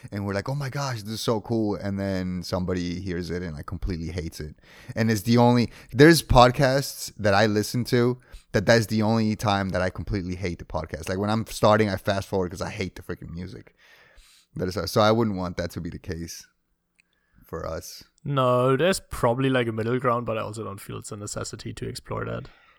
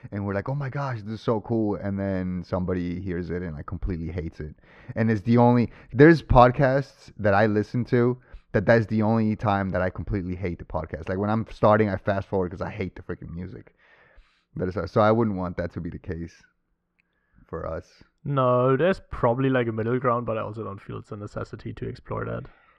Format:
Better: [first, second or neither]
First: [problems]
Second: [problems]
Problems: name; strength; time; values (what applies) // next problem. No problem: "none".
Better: first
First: none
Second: muffled; very; fading above 2 kHz